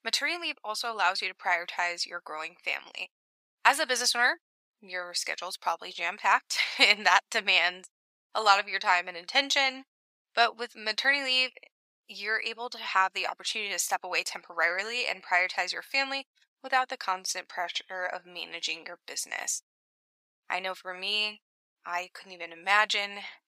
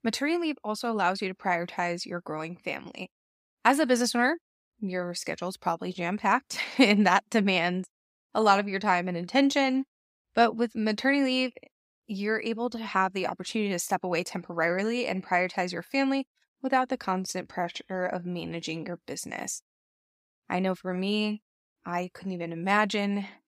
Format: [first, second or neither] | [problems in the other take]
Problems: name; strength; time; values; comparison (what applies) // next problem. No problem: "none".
second | thin; very; fading below 900 Hz